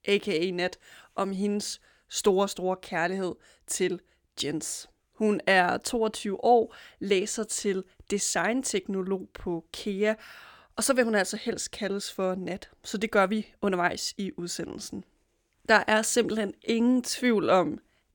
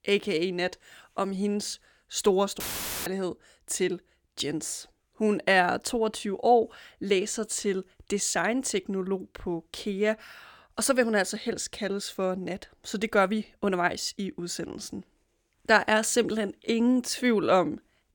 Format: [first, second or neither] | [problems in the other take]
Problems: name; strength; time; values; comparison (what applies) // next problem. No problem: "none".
first | audio cutting out; filled with static; at 2.5 s